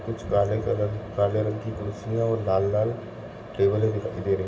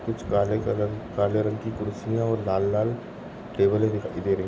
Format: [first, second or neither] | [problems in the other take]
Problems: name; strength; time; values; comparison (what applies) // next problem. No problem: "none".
second | room echo; dies away in 1.7 s